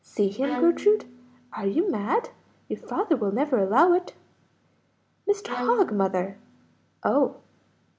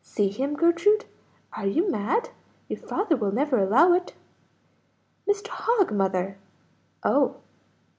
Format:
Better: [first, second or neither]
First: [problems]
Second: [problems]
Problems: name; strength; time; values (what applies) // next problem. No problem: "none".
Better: second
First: background sound (Bowed string instrument); 12 dB below the speech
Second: none